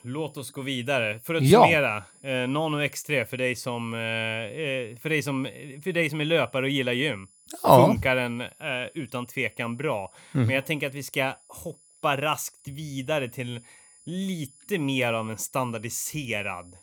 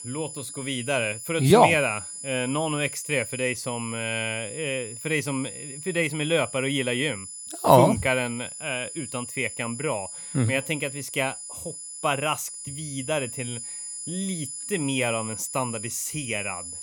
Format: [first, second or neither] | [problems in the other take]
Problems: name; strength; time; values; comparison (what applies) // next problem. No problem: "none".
first | high-pitched whine; loud; throughout; 10 kHz, 9 dB below the speech; faint in the first